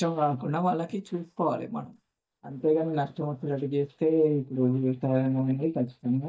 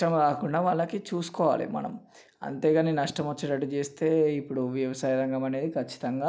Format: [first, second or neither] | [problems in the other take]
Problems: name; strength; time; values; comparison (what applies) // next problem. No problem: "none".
second | noise reduction (neural mask model DeepFilterNet 3)